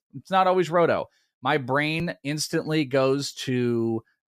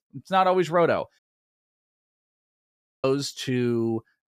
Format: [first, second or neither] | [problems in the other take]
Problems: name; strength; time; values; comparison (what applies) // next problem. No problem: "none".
first | audio cutting out; at 1 s for 2 s